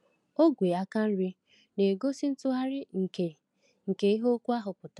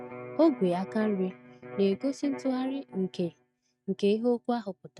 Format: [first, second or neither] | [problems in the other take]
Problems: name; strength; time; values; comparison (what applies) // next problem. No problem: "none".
first | noise reduction (neural mask model RNNoise)